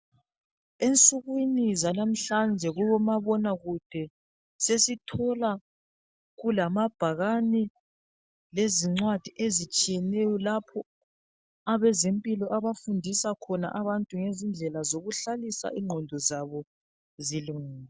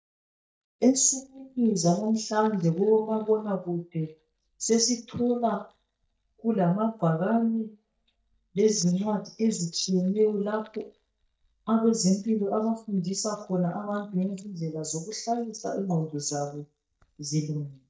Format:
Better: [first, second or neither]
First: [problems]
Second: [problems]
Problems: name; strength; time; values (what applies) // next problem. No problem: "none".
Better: first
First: none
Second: noise reduction (neural mask model DeepFilterNet 3)